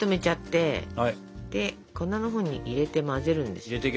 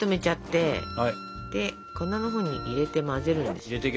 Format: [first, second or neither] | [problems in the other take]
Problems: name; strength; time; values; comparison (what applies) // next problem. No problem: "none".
first | background sound (Wind instrument, woodwind instrument + Zipper (clothing)); 12 dB below the speech